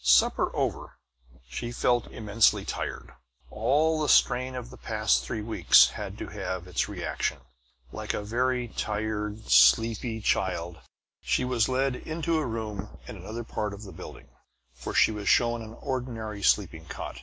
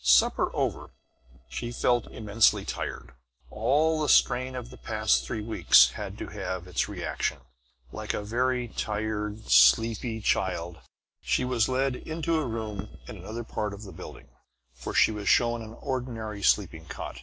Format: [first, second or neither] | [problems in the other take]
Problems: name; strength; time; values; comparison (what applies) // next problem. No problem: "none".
first | noise reduction (neural separator model SepFormer DNS4)